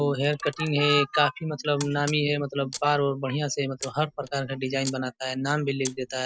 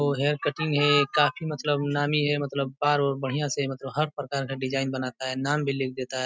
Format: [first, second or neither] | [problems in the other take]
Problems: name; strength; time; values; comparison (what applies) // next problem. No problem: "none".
second | background sound (Camera); 18 dB below the speech